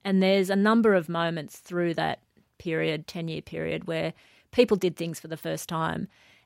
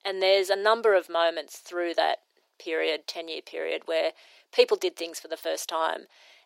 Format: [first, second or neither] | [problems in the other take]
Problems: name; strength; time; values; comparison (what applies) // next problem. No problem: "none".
first | thin; very; fading below 350 Hz